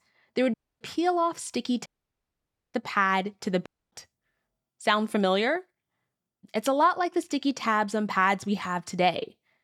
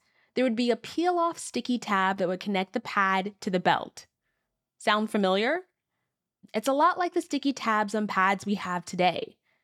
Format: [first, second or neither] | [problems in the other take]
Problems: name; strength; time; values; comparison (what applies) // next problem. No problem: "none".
second | audio cutting out; at 0.5 s, at 2 s for 1 s and at 3.5 s